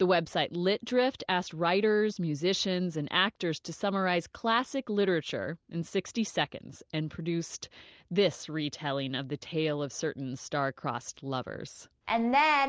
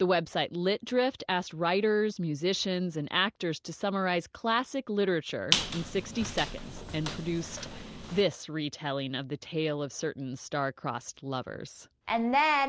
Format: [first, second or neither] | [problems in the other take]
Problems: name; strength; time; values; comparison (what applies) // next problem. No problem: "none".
first | background sound (Squeak); 5 dB below the speech